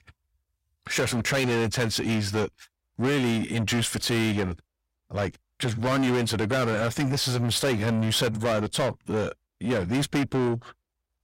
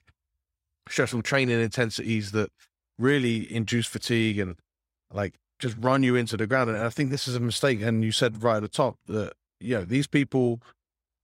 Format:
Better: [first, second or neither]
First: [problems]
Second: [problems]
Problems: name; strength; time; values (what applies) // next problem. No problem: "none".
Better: second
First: distortion; heavy; 6 dB below the speech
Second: none